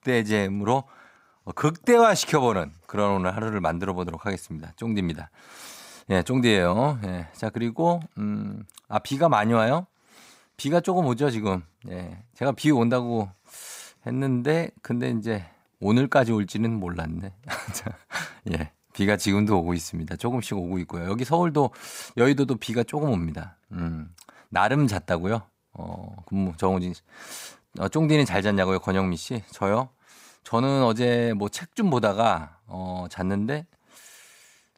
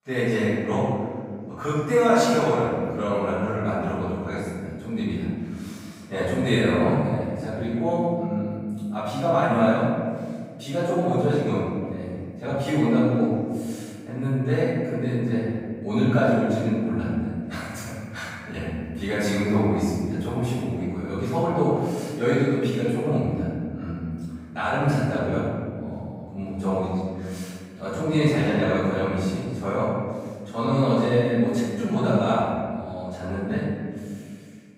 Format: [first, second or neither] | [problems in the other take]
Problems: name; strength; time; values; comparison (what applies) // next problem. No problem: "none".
first | off-mic speech; far // room echo; strong; dies away in 2 s